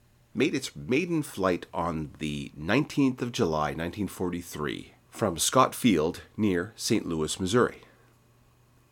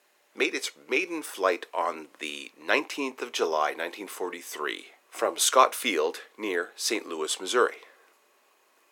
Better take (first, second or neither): first